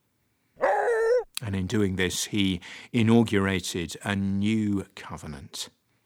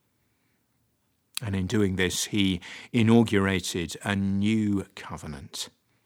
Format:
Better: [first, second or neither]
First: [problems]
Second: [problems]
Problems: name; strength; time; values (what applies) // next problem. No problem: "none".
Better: second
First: dog barking; loud; at 0.5 s; peak 3 dB above the speech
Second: none